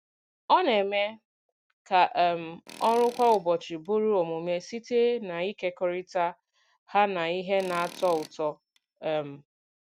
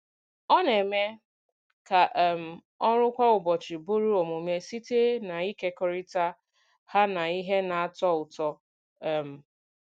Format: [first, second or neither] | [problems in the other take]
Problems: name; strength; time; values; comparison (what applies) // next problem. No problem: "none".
second | background sound (Tools); 20 dB below the speech